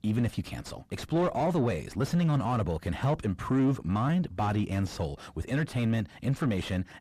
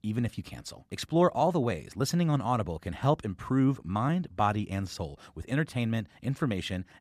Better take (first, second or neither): second